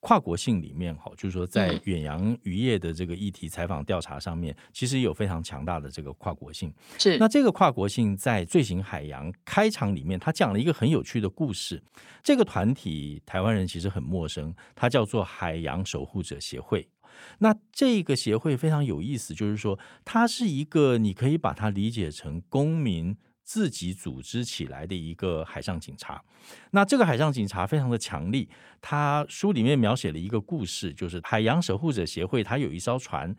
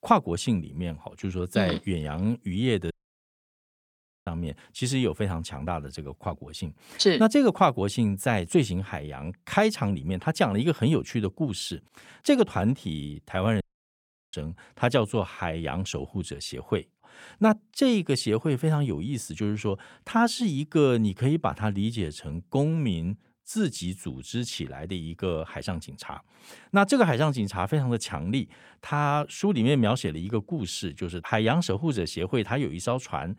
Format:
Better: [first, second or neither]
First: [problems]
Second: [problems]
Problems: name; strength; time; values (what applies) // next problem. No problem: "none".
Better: first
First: none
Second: audio cutting out; at 3 s for 1.5 s and at 14 s for 0.5 s